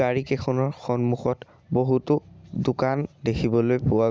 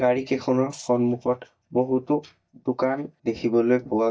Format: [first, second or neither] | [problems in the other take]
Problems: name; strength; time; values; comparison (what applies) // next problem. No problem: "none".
first | noise reduction (neural mask model DeepFilterNet 3)